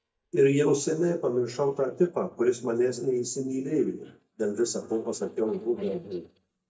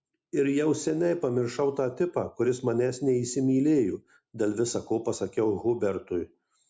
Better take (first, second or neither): second